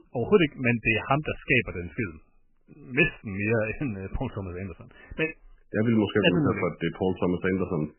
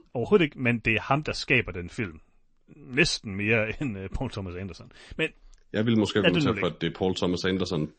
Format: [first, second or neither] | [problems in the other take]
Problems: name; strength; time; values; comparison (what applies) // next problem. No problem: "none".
second | garbled, watery; badly; nothing above 3 kHz; slightly in the second